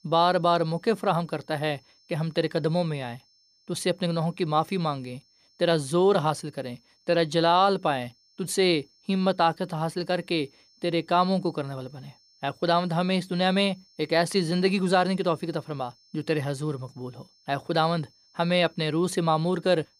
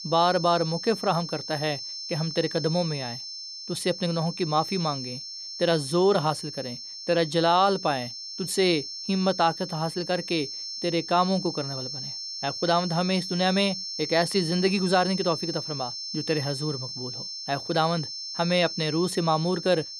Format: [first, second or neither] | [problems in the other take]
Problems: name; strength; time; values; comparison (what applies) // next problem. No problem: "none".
first | high-pitched whine; loud; throughout; 5.5 kHz, 7 dB below the speech; faint in the first